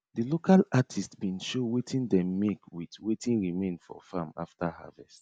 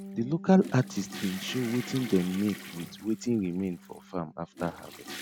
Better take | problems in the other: first | background sound (Toilet flush / Water + Bass guitar); 13 dB below the speech

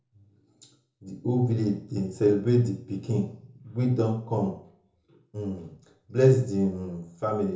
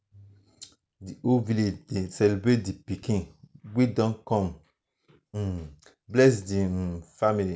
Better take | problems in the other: second | room echo; dies away in 0.6 s

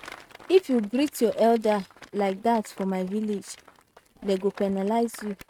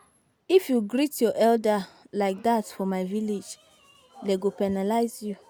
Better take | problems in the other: second | noise reduction (neural mask model RNNoise)

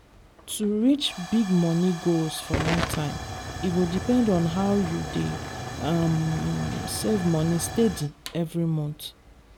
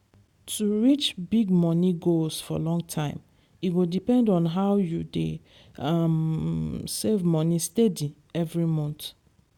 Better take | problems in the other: second | background sound (Tick / Hiss / Explosion / Fire); 9 dB below the speech

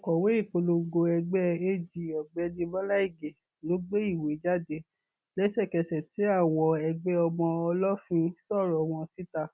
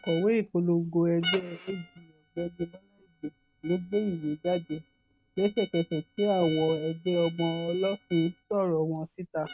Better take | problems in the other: first | noise reduction (neural mask model RNNoise)

